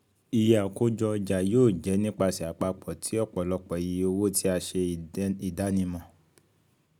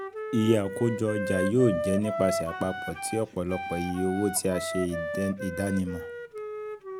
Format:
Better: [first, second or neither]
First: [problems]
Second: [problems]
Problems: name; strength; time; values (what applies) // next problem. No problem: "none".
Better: first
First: none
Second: background sound (Wind instrument, woodwind instrument); 6 dB below the speech